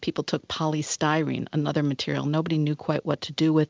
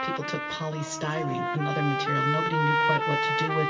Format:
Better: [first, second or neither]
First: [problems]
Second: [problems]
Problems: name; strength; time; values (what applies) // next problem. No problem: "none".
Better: first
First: none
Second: background sound (Trumpet); 2 dB above the speech // room echo; dies away in 1.9 s